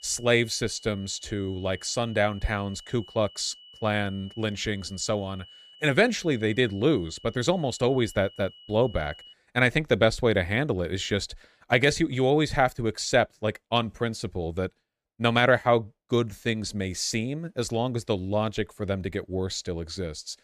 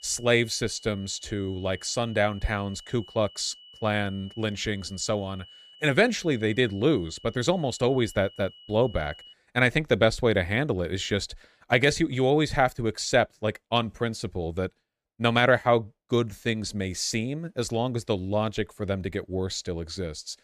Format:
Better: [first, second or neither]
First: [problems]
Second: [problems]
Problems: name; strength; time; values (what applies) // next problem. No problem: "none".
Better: neither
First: high-pitched whine; faint; until 9.5 s; 3 kHz, 20 dB below the speech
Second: high-pitched whine; faint; until 9.5 s; 3 kHz, 20 dB below the speech